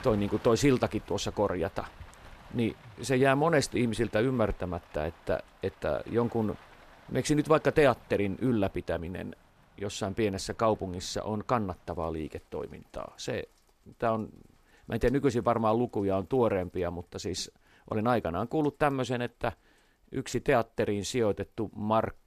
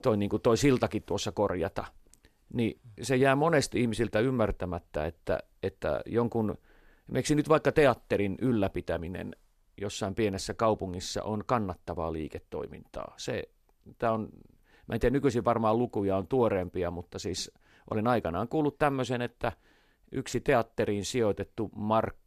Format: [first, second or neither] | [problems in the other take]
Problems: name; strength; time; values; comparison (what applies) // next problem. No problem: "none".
second | rain or running water; faint; throughout; 25 dB below the speech